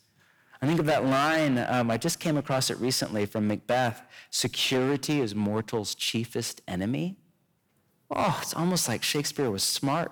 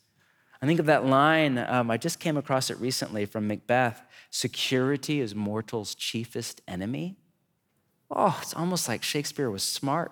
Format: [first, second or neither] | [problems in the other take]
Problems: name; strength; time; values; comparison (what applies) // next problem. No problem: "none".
second | distortion; heavy; 8% of the sound clipped